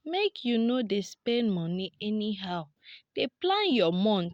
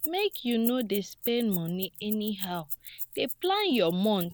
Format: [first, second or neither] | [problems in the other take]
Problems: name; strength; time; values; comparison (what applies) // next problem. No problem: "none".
first | background sound (Keys jangling); 10 dB below the speech